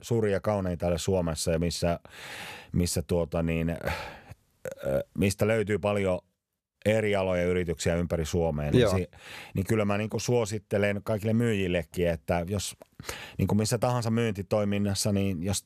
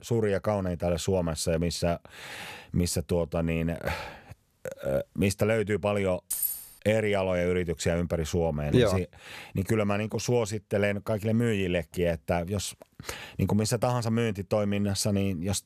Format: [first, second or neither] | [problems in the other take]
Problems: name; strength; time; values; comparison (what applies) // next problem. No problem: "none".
first | jangling keys; noticeable; at 6.5 s; peak level with the speech